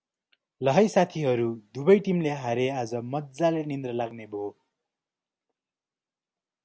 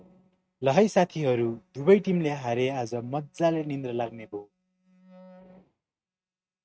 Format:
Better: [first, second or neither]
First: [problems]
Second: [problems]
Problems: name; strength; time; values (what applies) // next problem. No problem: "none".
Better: first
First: none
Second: noise reduction (neural mask model RNNoise)